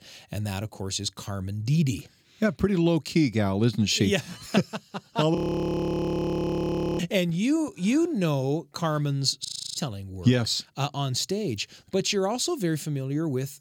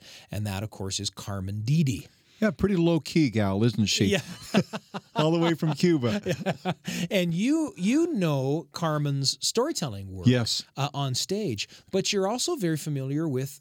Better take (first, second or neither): second